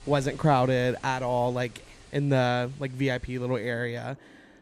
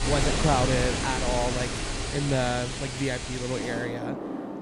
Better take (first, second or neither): first